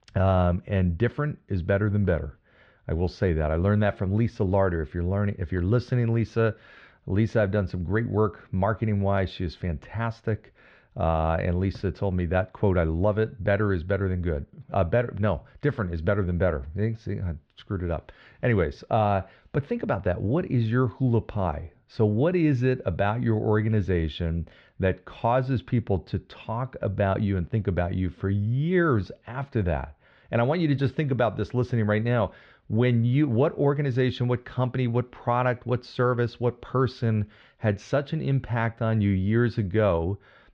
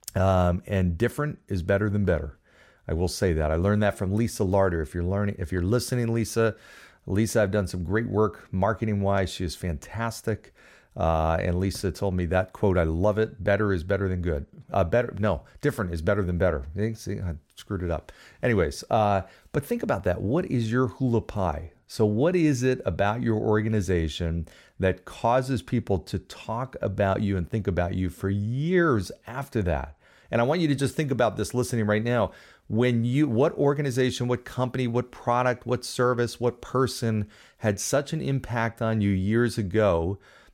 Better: second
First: muffled; slightly; fading above 4 kHz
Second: none

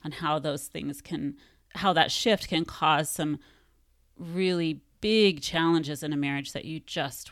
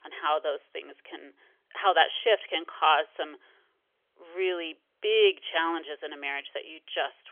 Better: first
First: none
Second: phone-call audio; nothing above 3.5 kHz

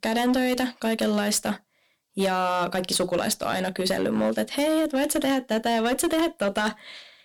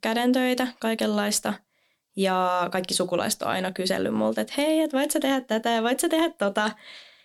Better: second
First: distortion; slight; 9% of the sound clipped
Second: none

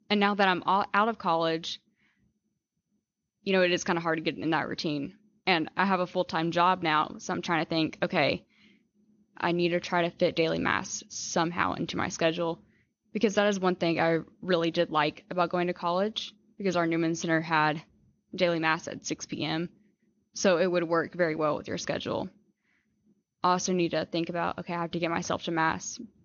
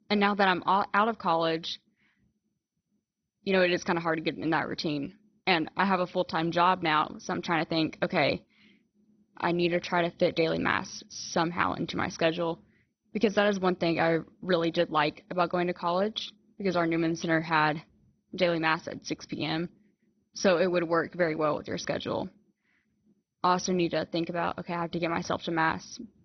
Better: first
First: garbled, watery; slightly; nothing above 6.5 kHz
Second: garbled, watery; badly; nothing above 6 kHz

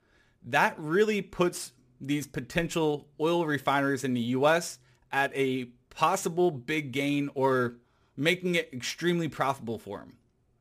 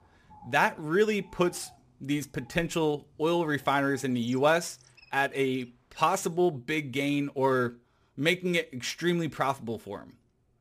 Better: first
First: none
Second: animal sounds; faint; until 6.5 s; 30 dB below the speech

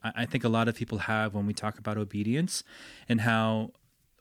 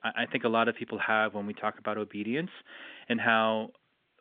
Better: first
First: none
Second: phone-call audio; nothing above 3.5 kHz

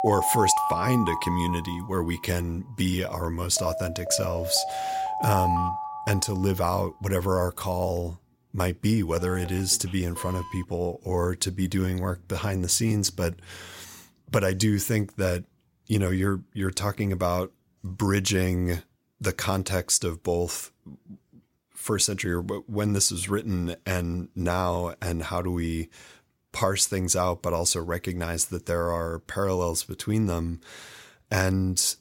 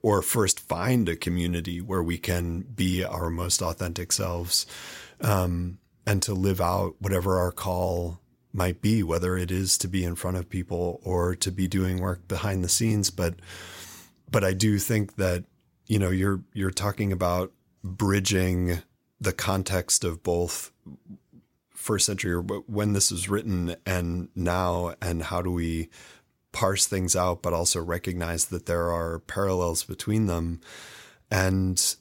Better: second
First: alarms or sirens; loud; until 11 s; 3 dB below the speech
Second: none

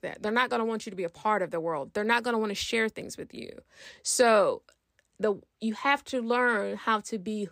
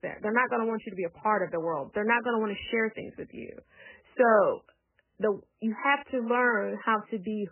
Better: first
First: none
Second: garbled, watery; badly; nothing above 3 kHz

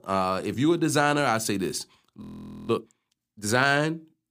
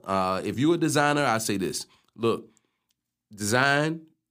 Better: second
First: audio freezing; at 2 s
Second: none

